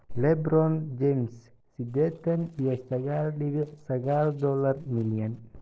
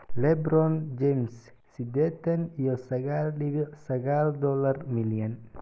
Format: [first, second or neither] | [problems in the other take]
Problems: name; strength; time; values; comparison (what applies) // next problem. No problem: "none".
second | noise reduction (neural separator model SepFormer DNS4)